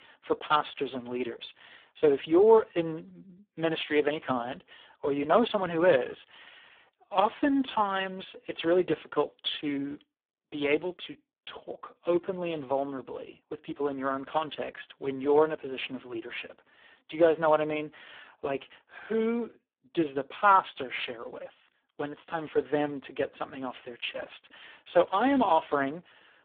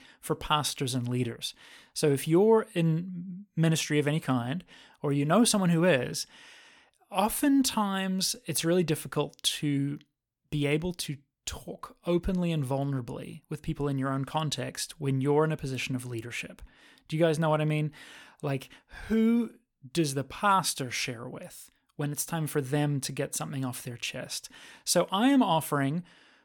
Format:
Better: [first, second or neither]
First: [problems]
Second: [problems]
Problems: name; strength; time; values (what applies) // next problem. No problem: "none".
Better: second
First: phone-call audio; poor line; nothing above 3.5 kHz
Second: none